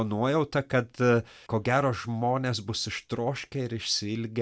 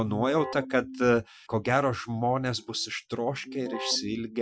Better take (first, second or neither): first